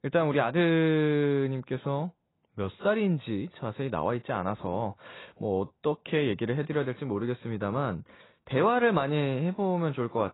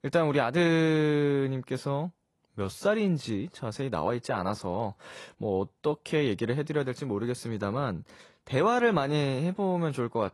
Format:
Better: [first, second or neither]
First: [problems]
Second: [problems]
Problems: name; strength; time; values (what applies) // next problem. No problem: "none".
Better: second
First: garbled, watery; badly; nothing above 4 kHz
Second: garbled, watery; slightly; nothing above 11.5 kHz